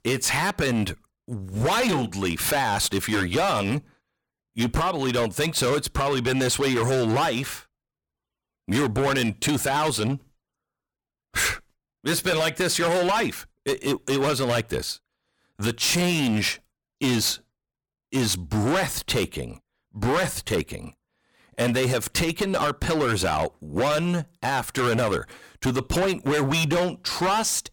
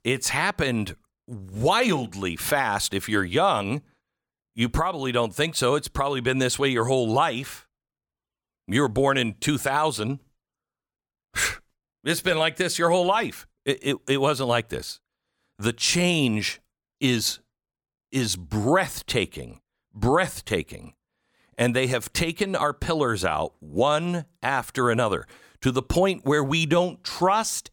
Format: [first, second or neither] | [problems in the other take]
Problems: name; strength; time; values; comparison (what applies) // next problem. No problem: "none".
second | distortion; heavy; 17% of the sound clipped